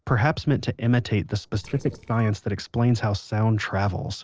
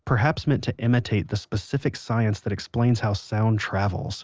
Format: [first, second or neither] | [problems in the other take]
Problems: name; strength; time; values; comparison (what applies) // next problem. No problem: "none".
second | noise reduction (neural separator model SepFormer DNS4)